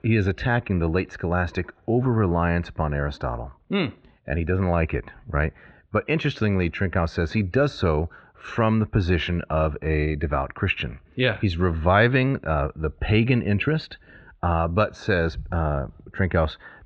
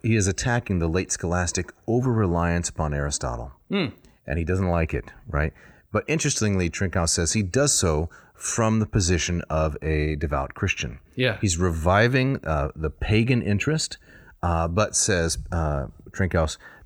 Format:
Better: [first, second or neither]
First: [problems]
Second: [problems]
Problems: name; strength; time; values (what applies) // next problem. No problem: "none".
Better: second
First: muffled; very; fading above 3.5 kHz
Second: none